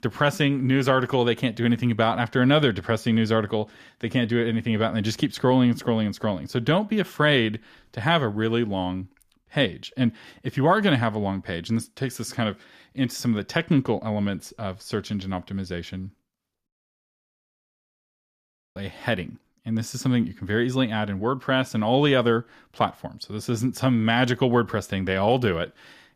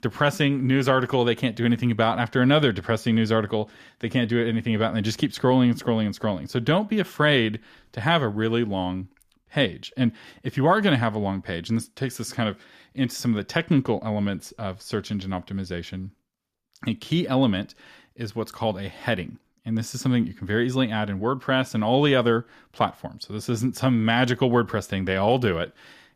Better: second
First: audio cutting out; at 17 s for 2 s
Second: none

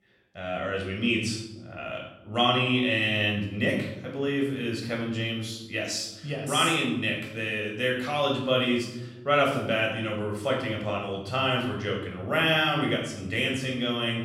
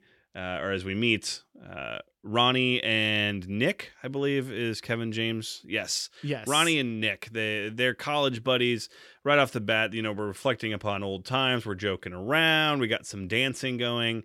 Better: second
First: room echo; noticeable; dies away in 0.9 s // off-mic speech; somewhat distant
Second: none

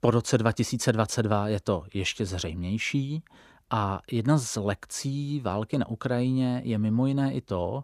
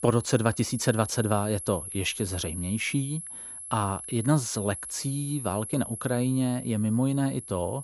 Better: first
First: none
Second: high-pitched whine; loud; throughout; 11 kHz, 9 dB below the speech

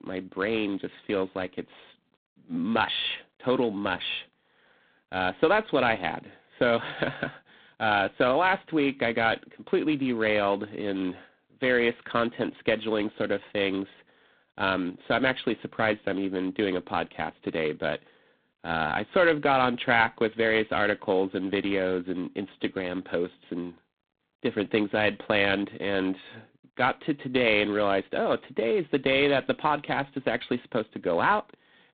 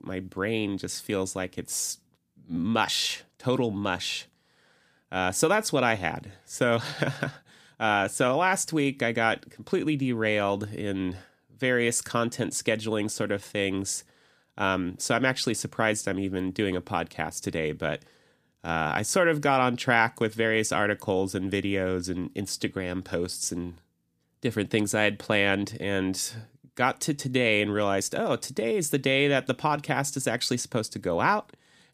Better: second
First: phone-call audio; poor line; nothing above 3.5 kHz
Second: none

